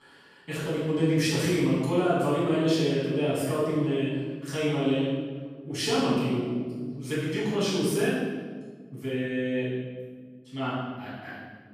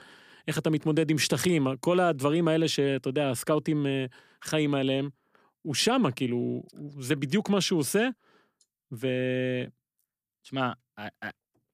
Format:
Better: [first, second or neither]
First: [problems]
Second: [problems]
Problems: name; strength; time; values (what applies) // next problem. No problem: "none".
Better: second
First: off-mic speech; far // room echo; strong; dies away in 1.5 s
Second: none